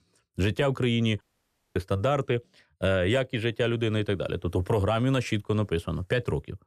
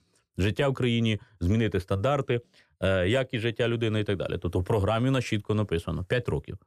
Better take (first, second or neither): second